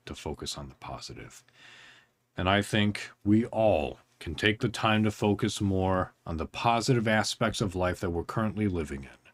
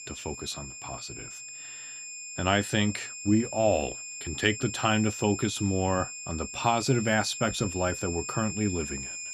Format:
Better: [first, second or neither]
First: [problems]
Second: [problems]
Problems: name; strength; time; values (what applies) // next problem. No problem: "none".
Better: first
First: none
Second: high-pitched whine; loud; throughout; 7.5 kHz, 8 dB below the speech